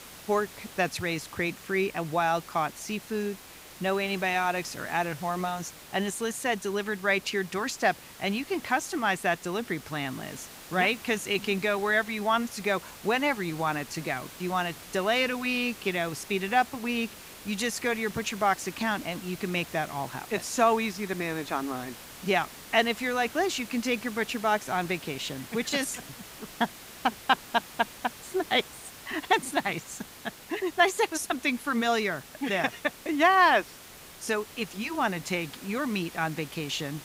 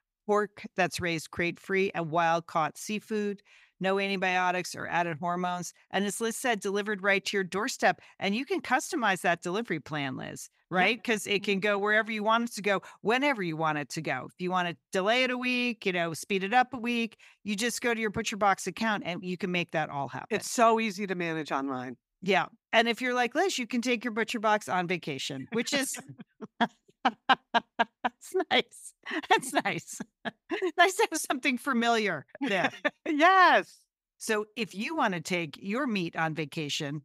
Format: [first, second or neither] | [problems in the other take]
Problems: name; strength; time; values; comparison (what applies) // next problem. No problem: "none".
second | hiss; noticeable; throughout; 15 dB below the speech